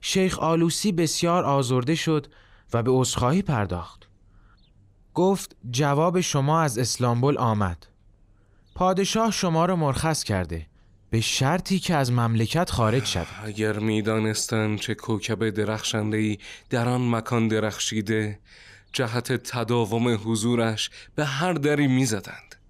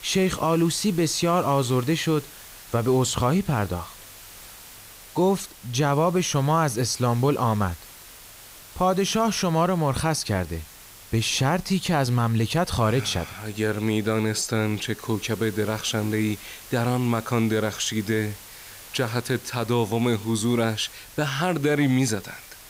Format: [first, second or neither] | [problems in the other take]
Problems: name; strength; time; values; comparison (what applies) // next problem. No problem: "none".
first | hiss; noticeable; throughout; 20 dB below the speech